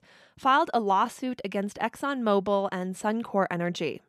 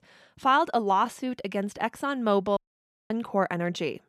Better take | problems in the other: first | audio cutting out; at 2.5 s for 0.5 s

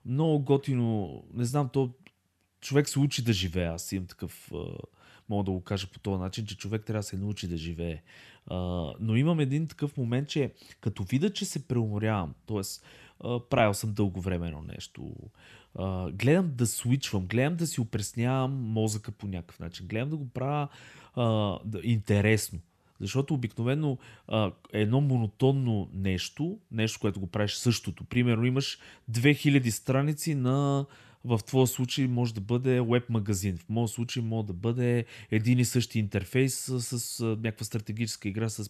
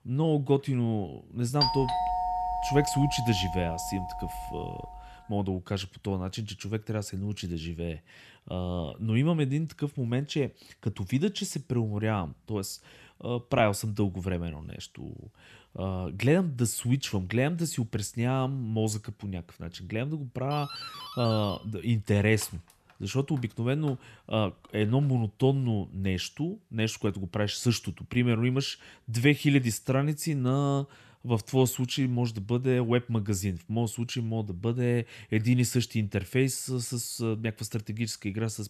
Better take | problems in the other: first | doorbell; loud; from 1.5 to 4.5 s; peak 3 dB above the speech // doorbell; noticeable; from 21 to 25 s; peak 9 dB below the speech

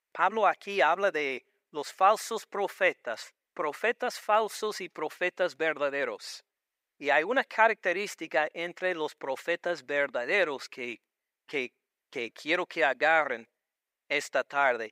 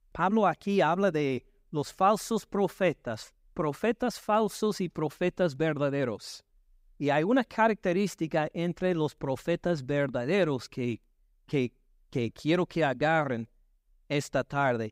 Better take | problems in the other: second | thin; very; fading below 550 Hz

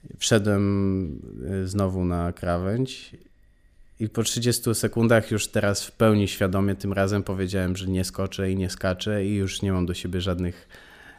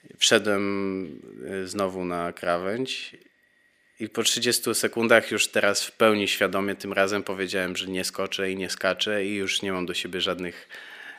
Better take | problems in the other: first | thin; somewhat; fading below 300 Hz

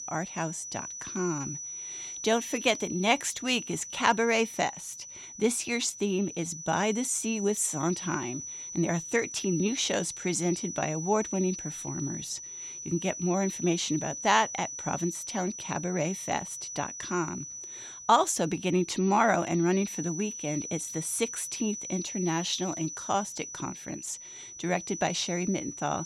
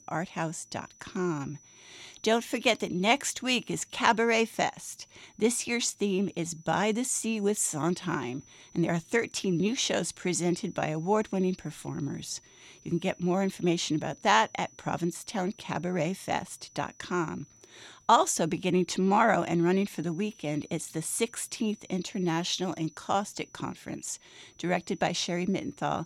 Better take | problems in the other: second | high-pitched whine; loud; throughout; 6 kHz, 8 dB below the speech; faint in the second

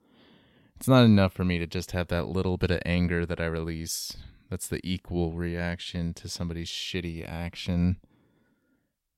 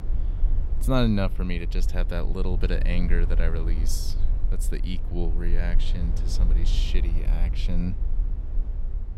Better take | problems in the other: first | low rumble; noticeable; throughout; 15 dB below the speech

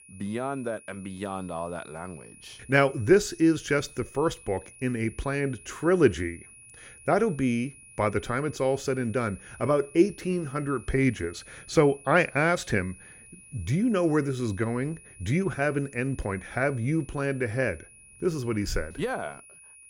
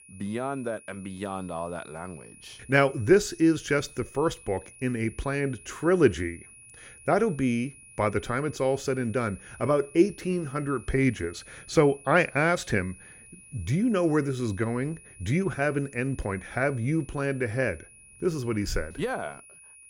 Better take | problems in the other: neither | high-pitched whine; faint; throughout; 10.5 kHz, 20 dB below the speech; the same in both

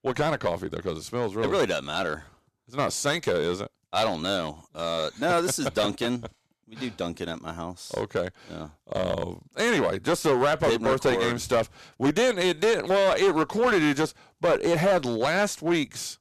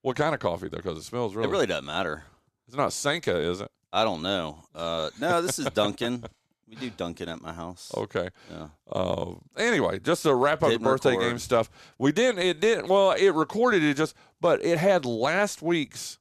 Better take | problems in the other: second | distortion; slight; 7% of the sound clipped

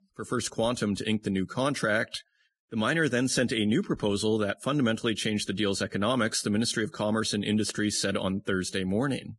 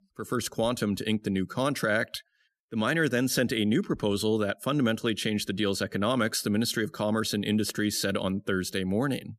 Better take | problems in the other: second | garbled, watery; badly; nothing above 10.5 kHz

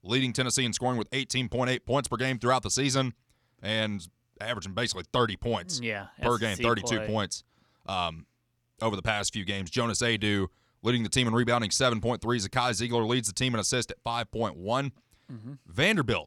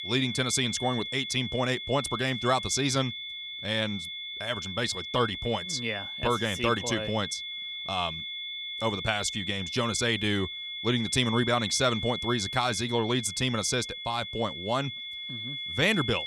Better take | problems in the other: first | high-pitched whine; loud; throughout; 3.5 kHz, 6 dB below the speech

